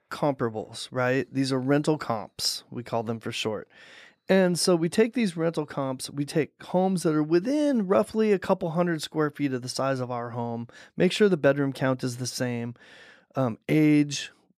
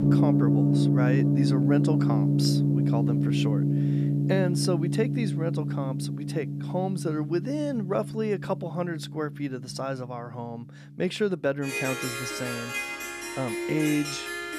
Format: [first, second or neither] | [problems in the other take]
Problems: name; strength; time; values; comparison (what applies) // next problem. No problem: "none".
first | background music; very loud; throughout; 5 dB above the speech